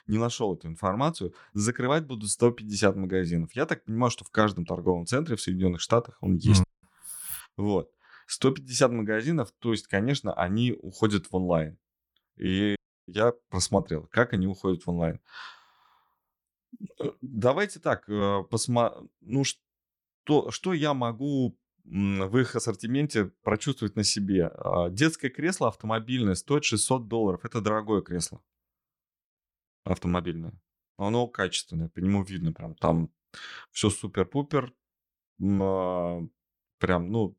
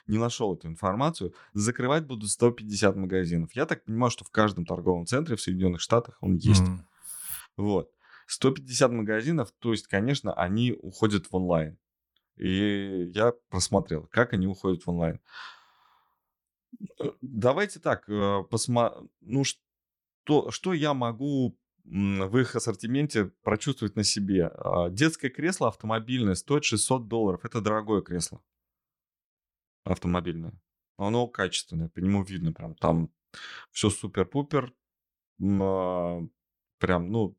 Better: second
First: audio cutting out; at 6.5 s and at 13 s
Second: none

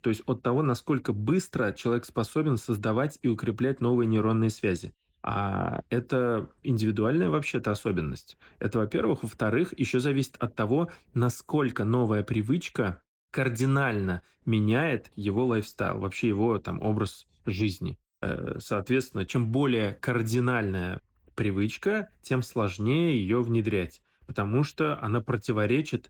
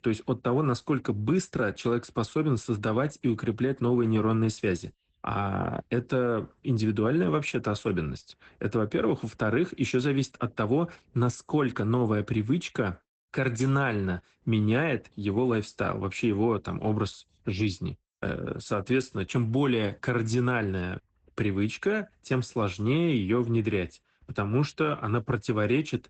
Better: first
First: garbled, watery; slightly; nothing above 19.5 kHz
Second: garbled, watery; badly; nothing above 8 kHz

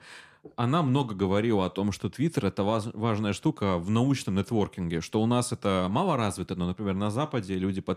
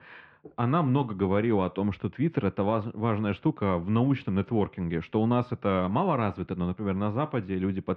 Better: first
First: none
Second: muffled; very; fading above 2.5 kHz

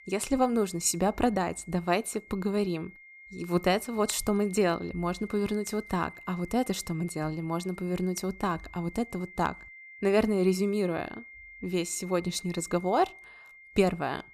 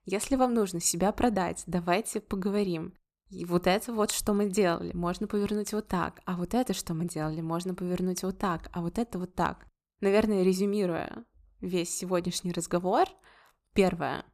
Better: second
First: high-pitched whine; noticeable; throughout; 2 kHz, 20 dB below the speech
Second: none

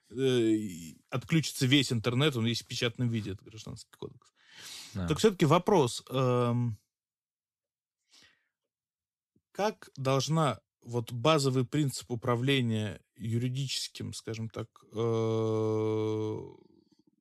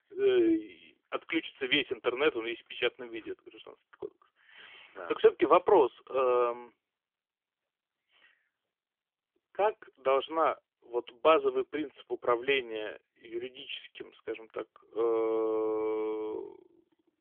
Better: first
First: none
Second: phone-call audio; nothing above 3.5 kHz

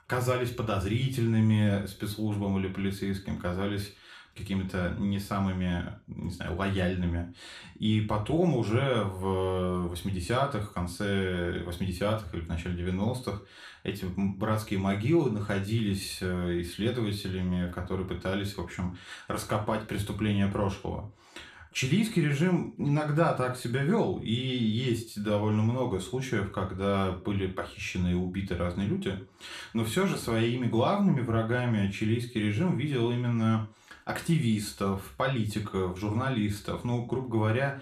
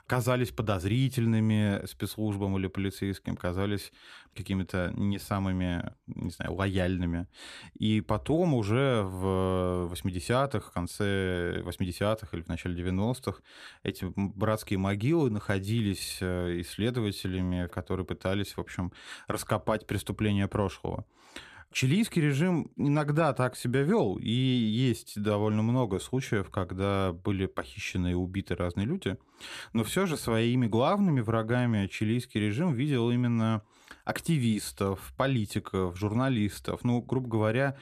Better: second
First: room echo; slight; dies away in 0.4 s // off-mic speech; somewhat distant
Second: none

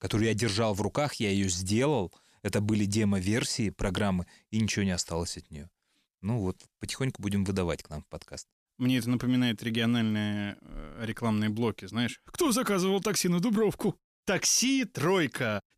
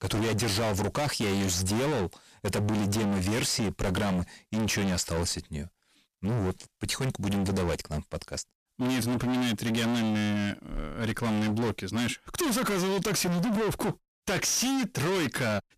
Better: first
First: none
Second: distortion; heavy; 38% of the sound clipped

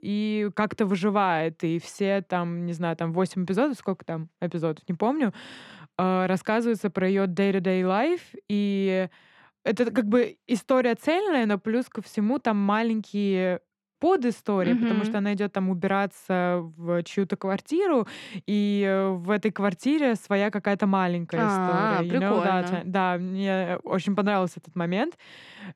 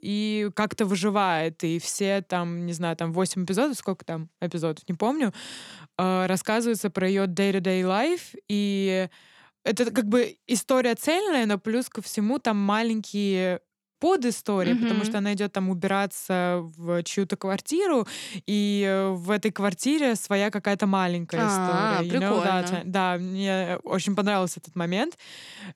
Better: second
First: muffled; slightly; fading above 4 kHz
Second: none

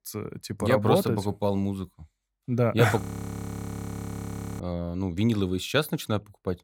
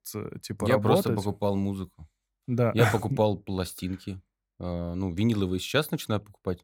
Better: second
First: audio freezing; at 3 s for 1.5 s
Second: none

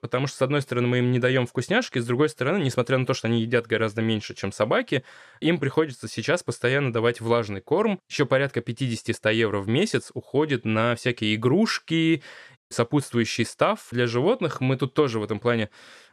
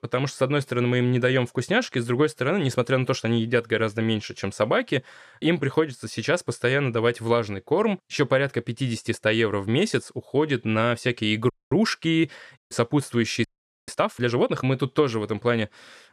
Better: first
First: none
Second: audio freezing; at 12 s and at 13 s

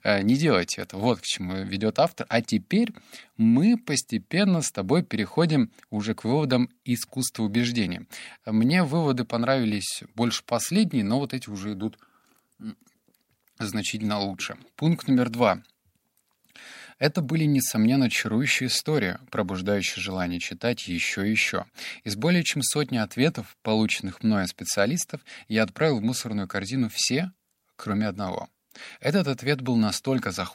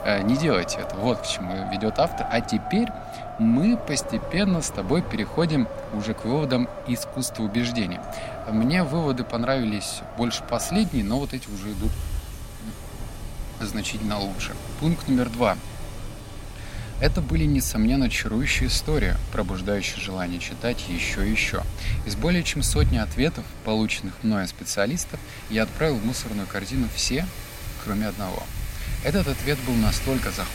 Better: first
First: none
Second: wind in the background; loud; throughout; 8 dB below the speech

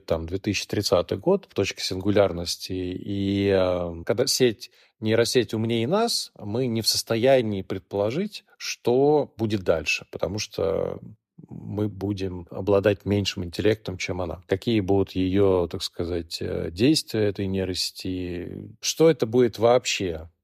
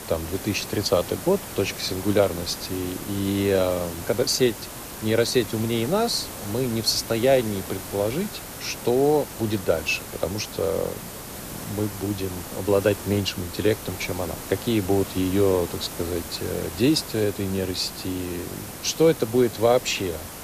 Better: first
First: none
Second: hiss; noticeable; throughout; 10 dB below the speech

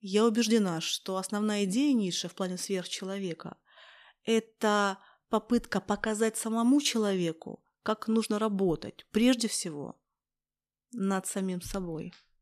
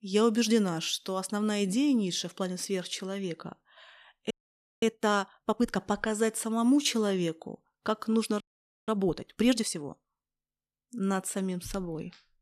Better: first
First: none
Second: audio freezing; at 4.5 s for 0.5 s and at 8.5 s

